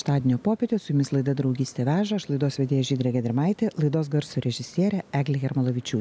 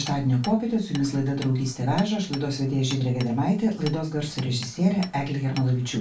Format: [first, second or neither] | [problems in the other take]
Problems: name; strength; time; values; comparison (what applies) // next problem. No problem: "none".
first | background sound (Hammer); 20 dB below the speech // room echo; dies away in 0.2 s